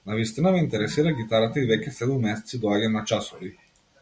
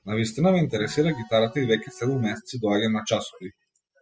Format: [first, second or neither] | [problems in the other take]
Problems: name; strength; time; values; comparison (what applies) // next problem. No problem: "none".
first | noise reduction (classical method spectral subtraction)